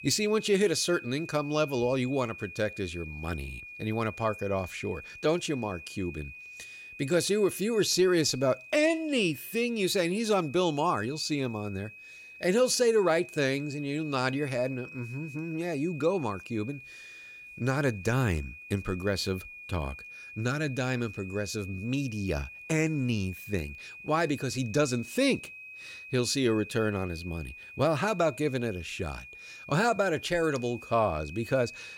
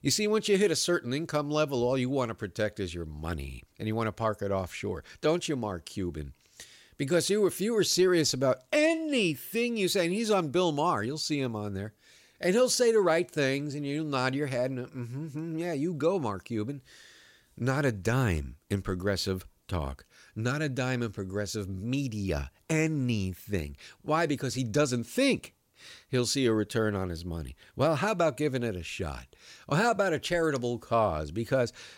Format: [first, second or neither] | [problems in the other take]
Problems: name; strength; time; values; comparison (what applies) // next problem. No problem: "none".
second | high-pitched whine; noticeable; throughout; 2.5 kHz, 15 dB below the speech